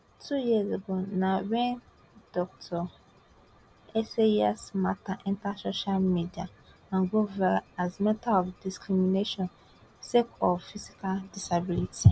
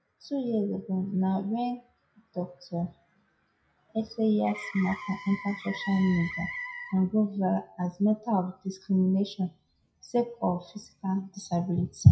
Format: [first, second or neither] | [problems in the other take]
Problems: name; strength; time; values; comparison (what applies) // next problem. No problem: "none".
first | noise reduction (classical method WPE with log-MMSE)